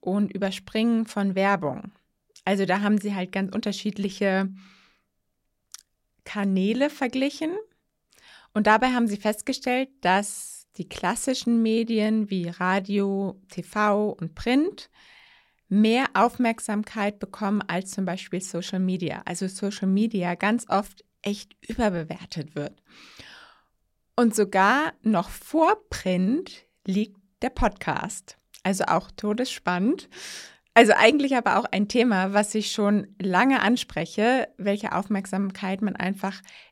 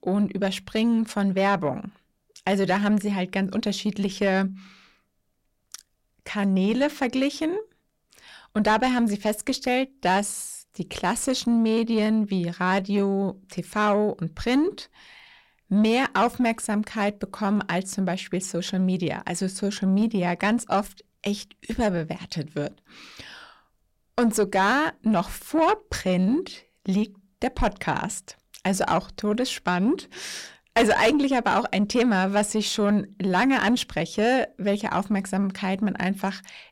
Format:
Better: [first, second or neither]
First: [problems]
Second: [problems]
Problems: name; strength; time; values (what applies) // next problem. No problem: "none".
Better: first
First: none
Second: distortion; slight; 10 dB below the speech